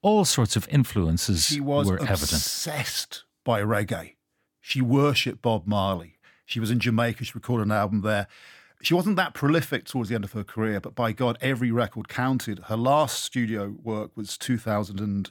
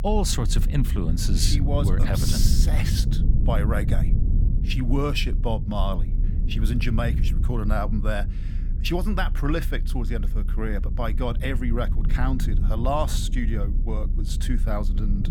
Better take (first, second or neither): first